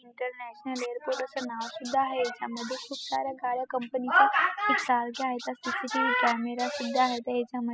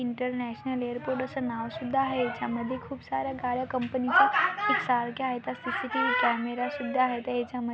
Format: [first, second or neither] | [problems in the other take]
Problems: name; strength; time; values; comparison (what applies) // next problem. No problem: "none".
second | noise reduction (classical method spectral subtraction)